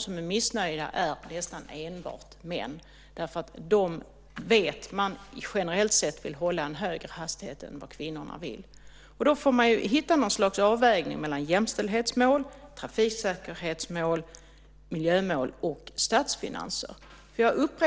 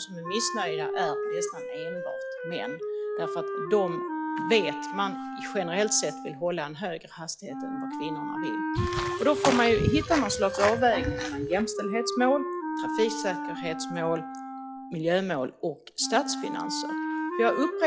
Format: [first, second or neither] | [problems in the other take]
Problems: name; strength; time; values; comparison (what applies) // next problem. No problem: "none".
first | noise reduction (classical method log-MMSE)